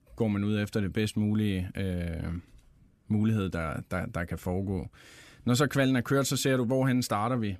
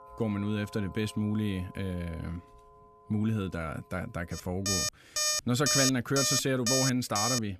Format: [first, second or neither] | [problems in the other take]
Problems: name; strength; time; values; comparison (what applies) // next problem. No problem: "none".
first | alarms or sirens; very loud; throughout; 3 dB above the speech